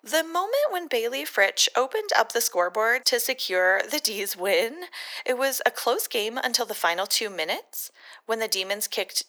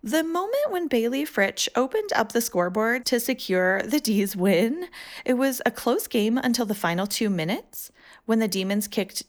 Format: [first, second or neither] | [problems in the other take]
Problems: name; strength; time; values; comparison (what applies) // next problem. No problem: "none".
second | thin; very; fading below 500 Hz